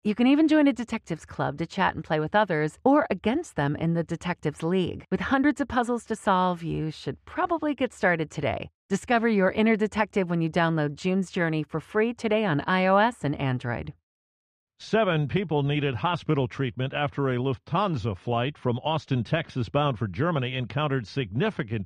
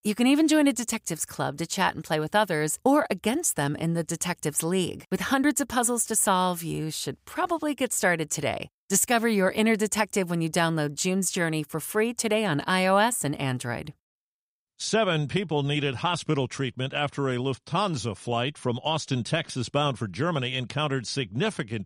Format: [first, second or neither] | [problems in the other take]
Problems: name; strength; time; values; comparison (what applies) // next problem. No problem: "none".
second | muffled; very; fading above 2.5 kHz